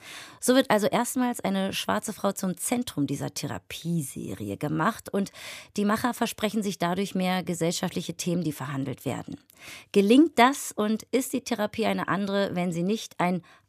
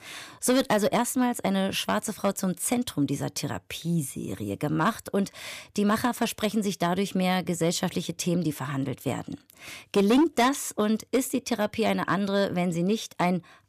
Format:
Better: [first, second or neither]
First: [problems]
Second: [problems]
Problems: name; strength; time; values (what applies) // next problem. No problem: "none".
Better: first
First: none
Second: distortion; slight; 2% of the sound clipped